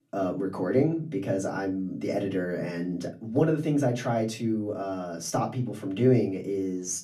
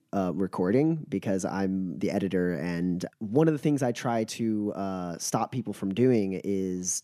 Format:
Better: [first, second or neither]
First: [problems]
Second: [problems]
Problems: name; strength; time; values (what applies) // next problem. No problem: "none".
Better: second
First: off-mic speech; far // room echo; very slight; dies away in 0.3 s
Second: none